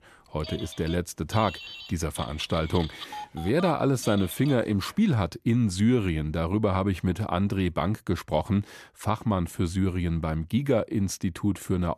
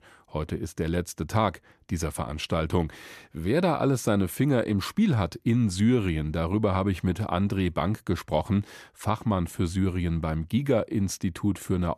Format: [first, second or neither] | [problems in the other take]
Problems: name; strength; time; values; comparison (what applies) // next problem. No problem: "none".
second | phone ringing; faint; until 4.5 s; peak 10 dB below the speech